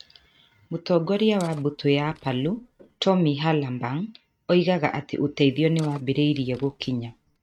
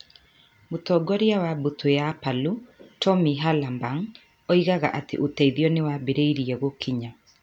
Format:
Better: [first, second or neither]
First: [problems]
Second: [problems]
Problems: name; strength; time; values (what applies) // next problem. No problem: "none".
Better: second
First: noise reduction (neural mask model RNNoise)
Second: none